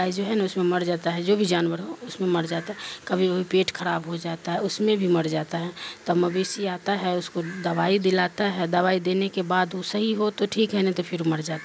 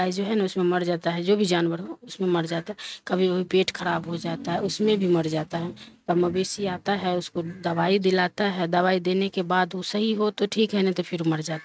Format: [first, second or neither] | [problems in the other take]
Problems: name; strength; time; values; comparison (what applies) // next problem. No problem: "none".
first | noise reduction (neural mask model RNNoise)